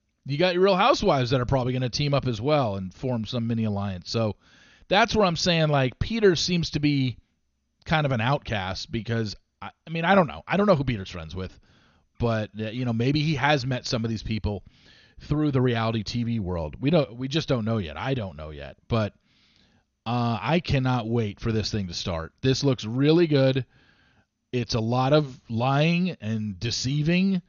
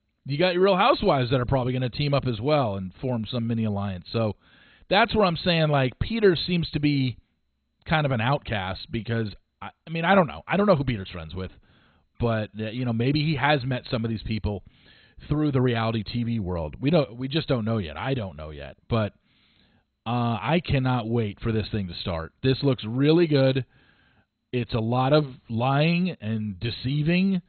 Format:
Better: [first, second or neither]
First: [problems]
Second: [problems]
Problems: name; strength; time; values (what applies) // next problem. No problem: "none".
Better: first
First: garbled, watery; slightly; nothing above 6.5 kHz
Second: garbled, watery; badly; nothing above 4 kHz